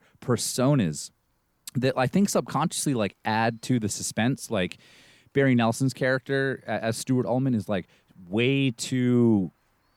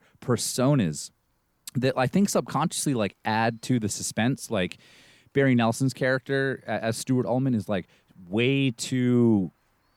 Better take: neither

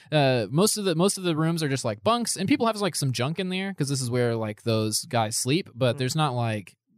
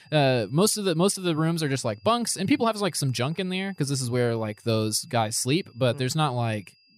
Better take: first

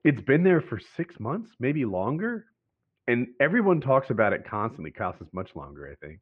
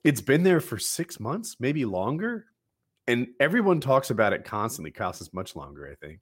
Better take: second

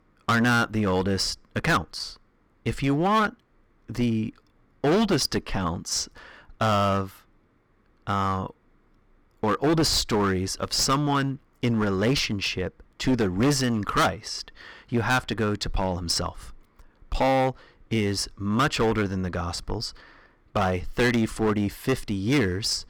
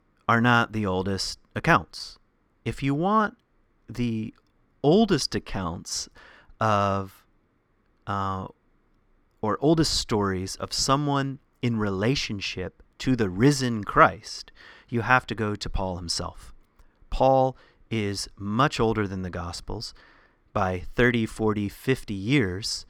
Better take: second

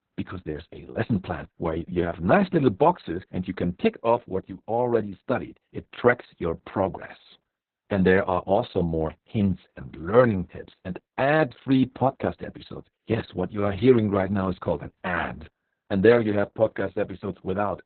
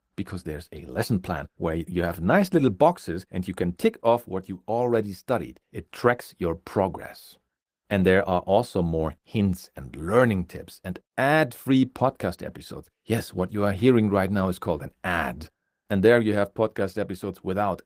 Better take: second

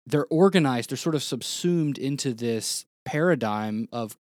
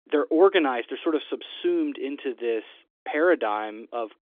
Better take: first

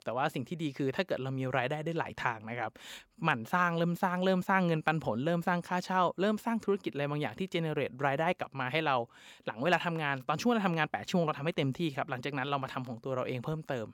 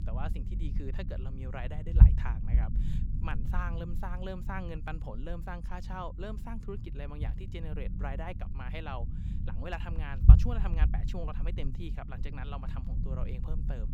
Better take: first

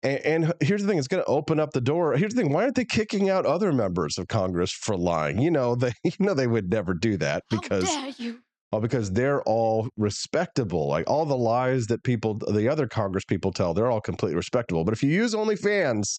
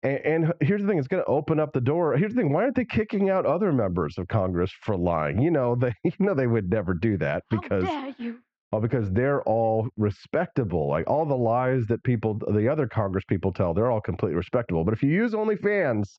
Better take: first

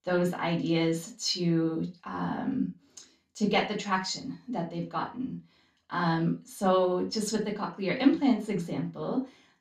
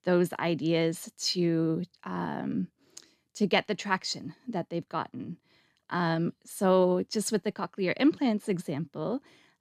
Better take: second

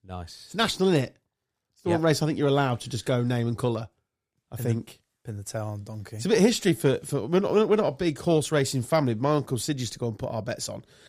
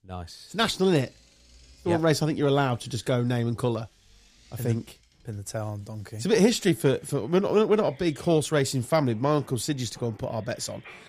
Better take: first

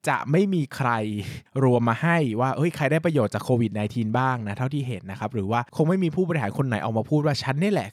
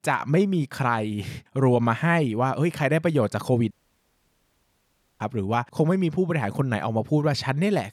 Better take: first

